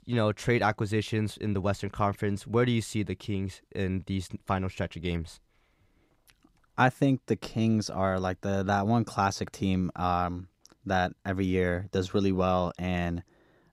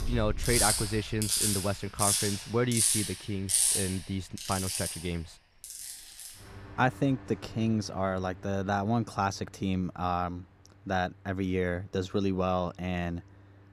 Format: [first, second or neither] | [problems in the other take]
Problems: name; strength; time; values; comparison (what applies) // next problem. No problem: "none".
first | machinery noise; very loud; throughout; 3 dB above the speech